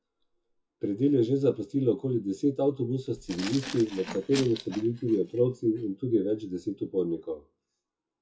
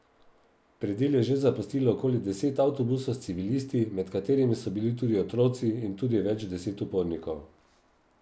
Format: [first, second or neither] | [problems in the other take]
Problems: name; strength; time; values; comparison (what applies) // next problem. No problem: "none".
second | noise reduction (classical method WPE with log-MMSE)